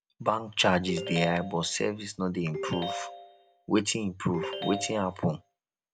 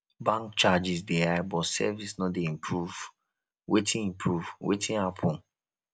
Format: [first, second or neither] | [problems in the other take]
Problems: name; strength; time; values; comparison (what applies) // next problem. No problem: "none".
second | background sound (Ringtone); 8 dB below the speech